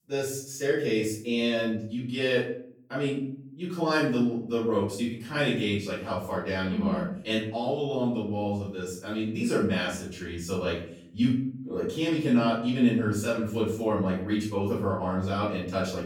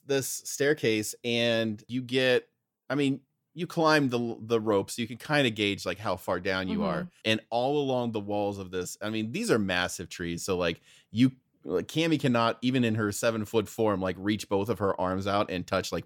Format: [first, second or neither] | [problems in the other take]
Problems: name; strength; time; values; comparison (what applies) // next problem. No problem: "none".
second | off-mic speech; far // room echo; noticeable; dies away in 0.5 s